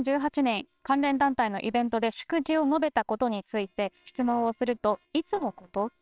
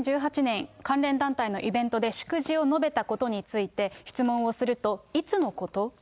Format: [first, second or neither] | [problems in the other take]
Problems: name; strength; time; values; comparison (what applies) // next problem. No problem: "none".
second | noise reduction (neural separator model SepFormer WHAMR!)